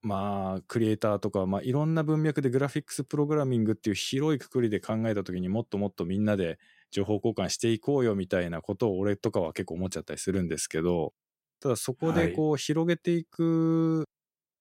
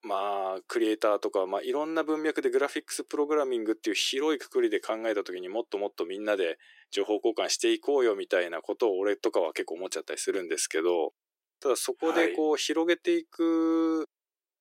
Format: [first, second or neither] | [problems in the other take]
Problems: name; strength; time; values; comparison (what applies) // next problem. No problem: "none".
first | thin; very; fading below 350 Hz